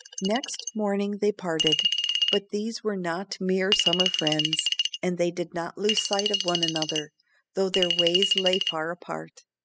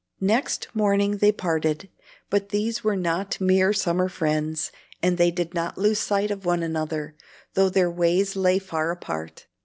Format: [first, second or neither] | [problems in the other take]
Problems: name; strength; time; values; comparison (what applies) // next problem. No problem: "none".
second | noise reduction (classical method spectral subtraction)